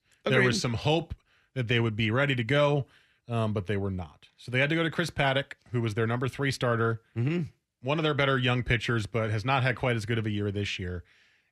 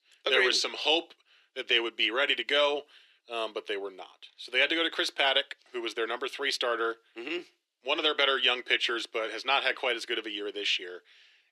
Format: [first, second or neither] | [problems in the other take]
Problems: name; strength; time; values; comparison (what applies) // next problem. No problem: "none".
first | thin; very; fading below 350 Hz